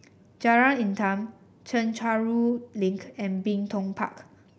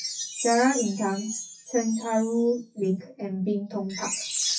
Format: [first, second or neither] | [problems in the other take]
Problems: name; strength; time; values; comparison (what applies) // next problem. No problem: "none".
first | noise reduction (classical method WPE with log-MMSE)